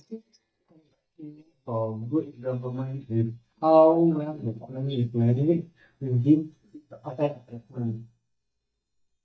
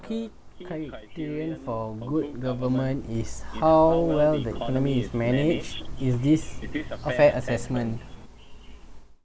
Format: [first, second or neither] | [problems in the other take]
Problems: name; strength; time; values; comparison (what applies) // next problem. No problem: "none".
second | noise reduction (neural mask model DeepFilterNet 3)